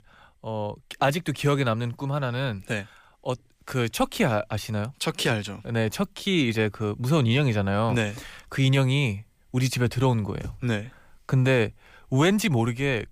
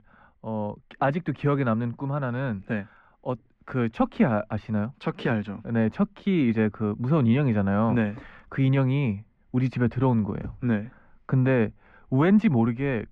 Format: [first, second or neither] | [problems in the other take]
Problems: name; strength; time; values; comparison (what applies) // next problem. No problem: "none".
first | muffled; very; fading above 1.5 kHz